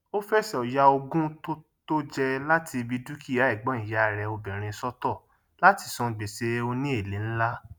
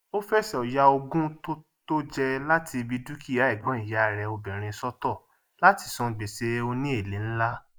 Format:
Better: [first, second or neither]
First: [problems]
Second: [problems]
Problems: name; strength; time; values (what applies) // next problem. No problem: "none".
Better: first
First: none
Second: noise reduction (neural mask model Resemble Enhance denoiser)